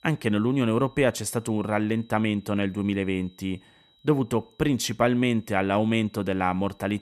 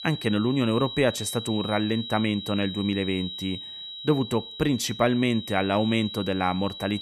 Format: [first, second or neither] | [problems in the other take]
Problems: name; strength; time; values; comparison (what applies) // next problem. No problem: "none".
first | high-pitched whine; loud; throughout; 4 kHz, 9 dB below the speech; faint in the first